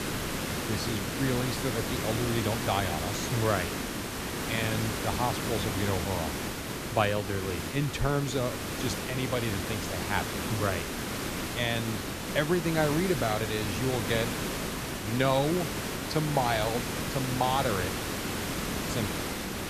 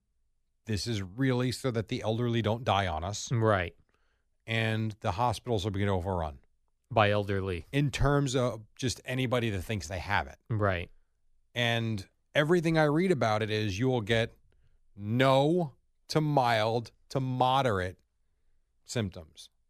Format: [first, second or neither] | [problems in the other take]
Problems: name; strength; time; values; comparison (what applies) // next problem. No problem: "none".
second | hiss; loud; throughout; 1 dB below the speech